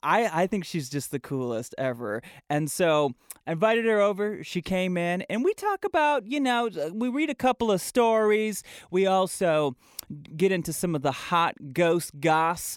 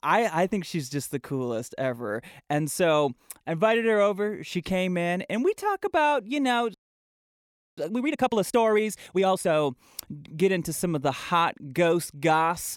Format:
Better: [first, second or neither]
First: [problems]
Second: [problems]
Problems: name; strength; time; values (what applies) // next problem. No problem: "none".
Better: first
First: none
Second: audio freezing; at 6.5 s for 1 s